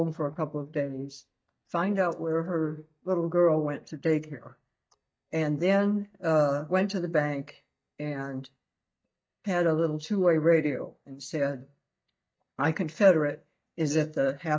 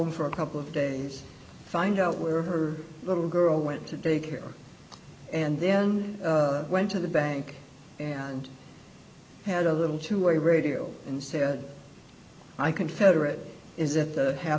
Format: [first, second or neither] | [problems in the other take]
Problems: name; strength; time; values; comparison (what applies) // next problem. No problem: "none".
second | noise reduction (neural mask model DeepFilterNet 3)